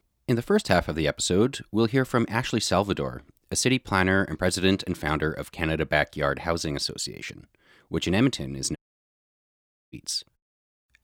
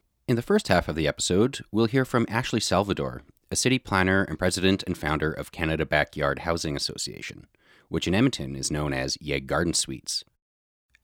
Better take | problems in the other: second | audio cutting out; at 9 s for 1 s

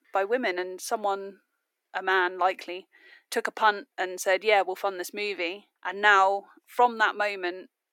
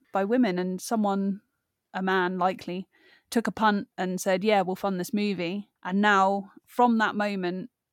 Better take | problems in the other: second | thin; very; fading below 350 Hz

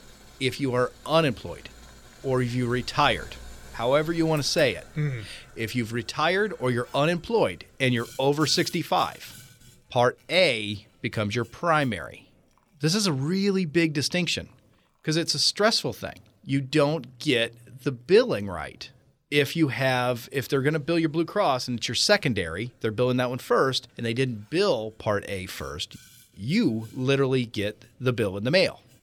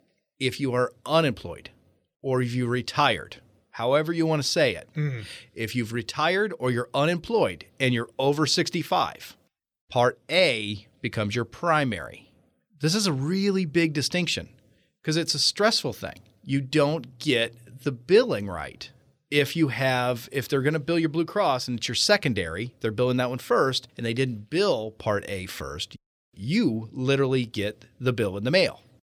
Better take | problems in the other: second | household noises; faint; throughout; 25 dB below the speech

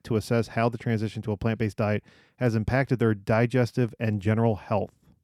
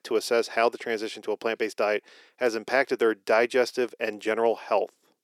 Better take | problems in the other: first | thin; very; fading below 350 Hz

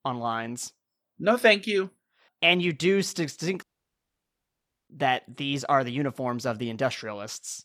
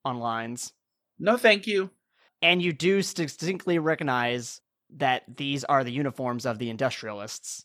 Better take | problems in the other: second | audio cutting out; at 3.5 s for 1.5 s

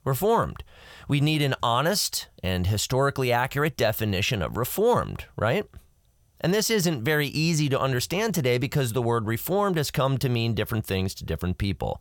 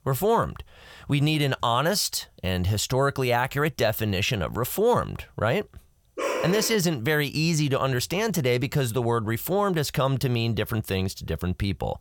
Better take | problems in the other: first | dog barking; noticeable; at 6 s; peak 3 dB below the speech

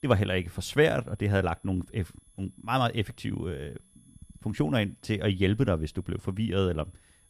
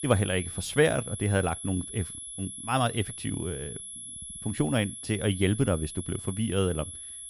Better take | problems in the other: first | high-pitched whine; loud; throughout; 11 kHz, 9 dB below the speech; faint in the first

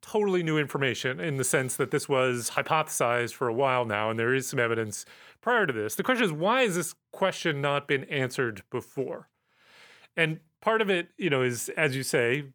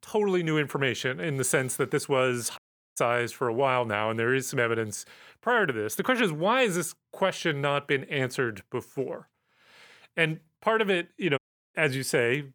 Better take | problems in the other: first | audio cutting out; at 2.5 s and at 11 s

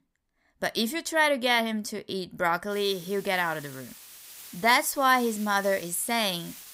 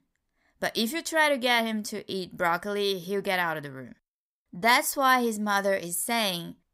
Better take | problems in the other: second | hiss; noticeable; from 2.5 s on; 20 dB below the speech

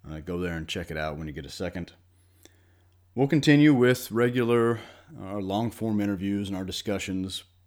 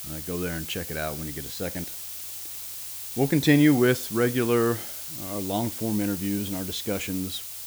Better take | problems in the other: first | hiss; loud; throughout; 7 dB below the speech

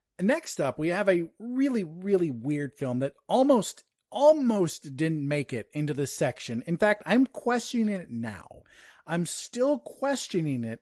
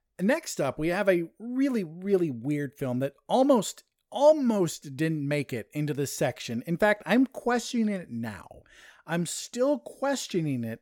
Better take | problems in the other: second | garbled, watery; slightly; nothing above 12 kHz

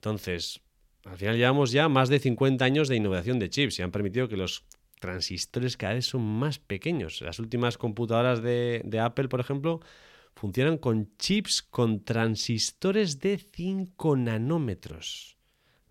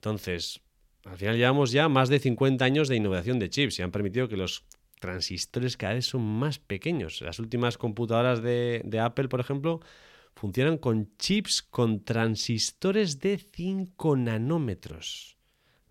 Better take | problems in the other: neither | none

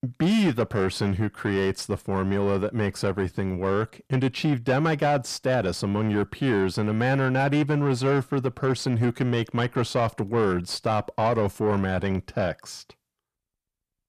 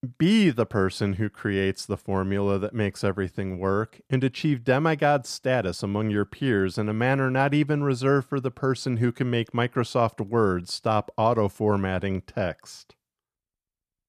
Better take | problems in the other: second | distortion; slight; 10 dB below the speech

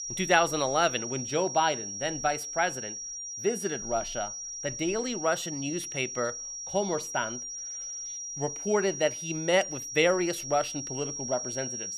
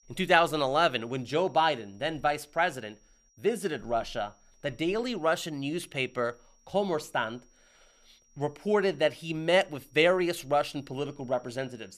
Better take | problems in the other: second | high-pitched whine; loud; throughout; 5.5 kHz, 5 dB below the speech; faint in the second

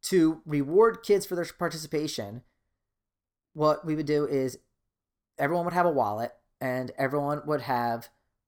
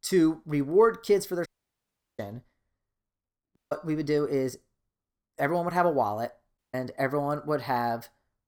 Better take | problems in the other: first | audio cutting out; at 1.5 s for 0.5 s, at 3.5 s and at 6.5 s

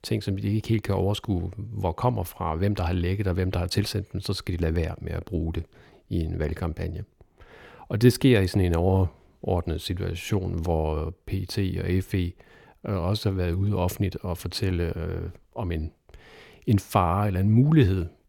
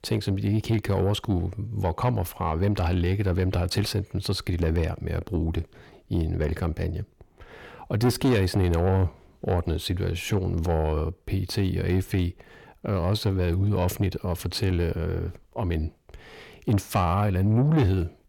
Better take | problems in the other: first | distortion; slight; 10 dB below the speech

